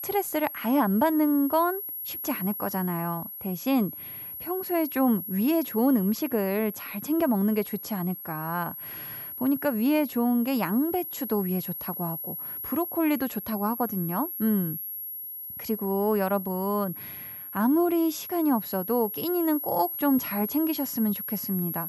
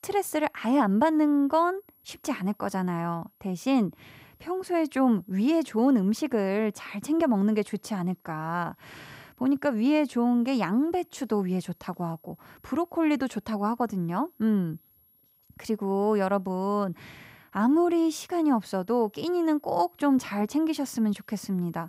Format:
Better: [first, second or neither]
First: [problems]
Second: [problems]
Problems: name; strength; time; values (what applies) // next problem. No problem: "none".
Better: second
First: high-pitched whine; loud; throughout; 11.5 kHz, 7 dB below the speech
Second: high-pitched whine; faint; throughout; 11.5 kHz, 35 dB below the speech